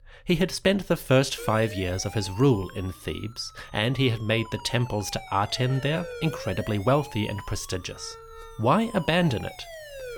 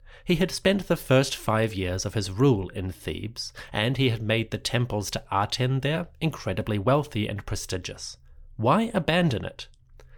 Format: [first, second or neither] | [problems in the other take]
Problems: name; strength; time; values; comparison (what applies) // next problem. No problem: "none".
second | siren; faint; from 1.5 s on; peak 10 dB below the speech